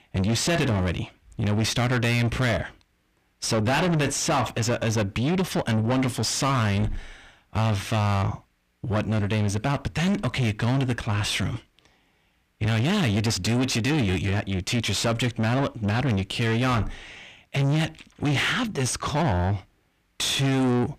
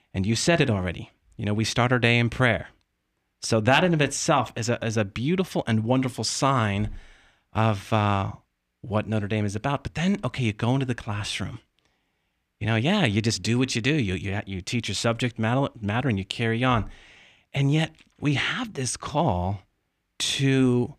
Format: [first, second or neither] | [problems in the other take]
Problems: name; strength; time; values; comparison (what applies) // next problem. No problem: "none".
second | distortion; heavy; 6 dB below the speech